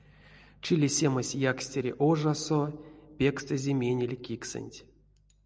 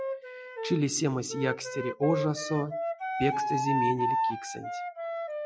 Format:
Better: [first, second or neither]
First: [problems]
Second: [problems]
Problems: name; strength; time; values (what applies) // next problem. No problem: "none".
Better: first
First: none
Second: noise reduction (classical method Wiener filter)